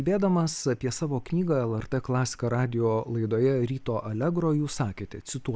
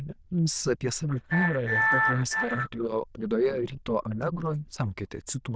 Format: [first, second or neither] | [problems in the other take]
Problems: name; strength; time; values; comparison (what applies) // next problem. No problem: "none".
first | noise reduction (neural diffusion model UNIVERSE++)